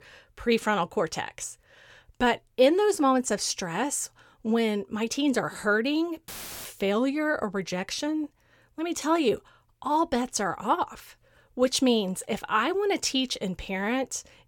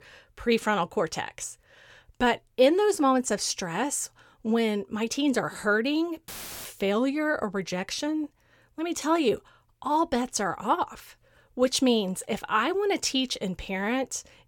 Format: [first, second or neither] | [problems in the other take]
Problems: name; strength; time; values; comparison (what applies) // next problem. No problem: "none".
neither | audio cutting out; filled with static; at 6.5 s; the same in both